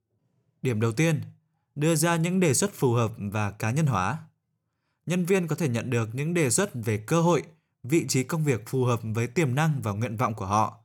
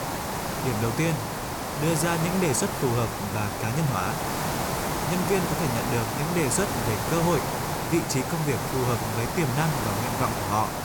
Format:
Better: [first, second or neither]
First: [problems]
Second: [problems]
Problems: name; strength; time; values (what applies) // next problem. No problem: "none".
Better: first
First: none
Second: hiss; loud; throughout; 1 dB below the speech